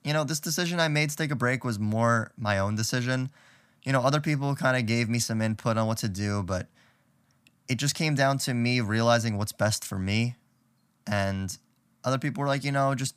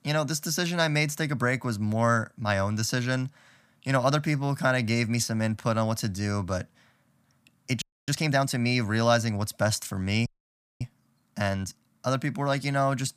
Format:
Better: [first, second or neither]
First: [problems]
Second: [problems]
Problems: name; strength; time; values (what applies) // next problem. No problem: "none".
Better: first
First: none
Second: audio freezing; at 8 s and at 10 s for 0.5 s